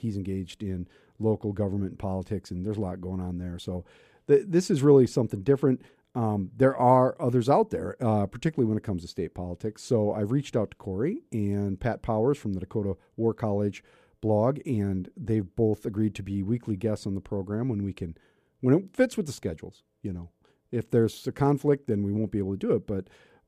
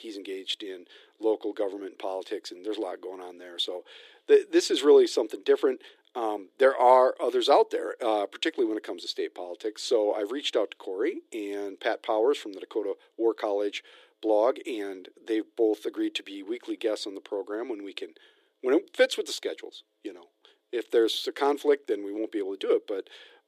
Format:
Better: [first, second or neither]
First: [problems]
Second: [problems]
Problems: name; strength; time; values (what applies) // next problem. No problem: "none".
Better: first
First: none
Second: thin; very; fading below 300 Hz